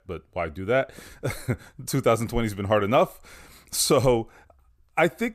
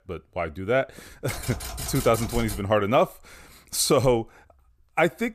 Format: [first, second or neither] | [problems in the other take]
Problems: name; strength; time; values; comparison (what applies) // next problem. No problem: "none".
first | keyboard typing; noticeable; from 1.5 to 2.5 s; peak 8 dB below the speech